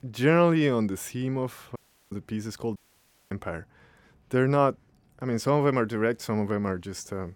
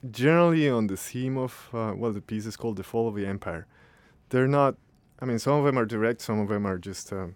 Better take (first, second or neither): second